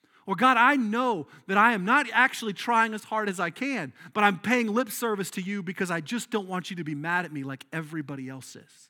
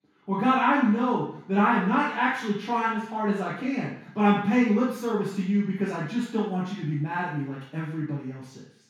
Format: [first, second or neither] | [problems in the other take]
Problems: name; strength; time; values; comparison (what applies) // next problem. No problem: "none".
first | room echo; noticeable; dies away in 0.6 s // off-mic speech; far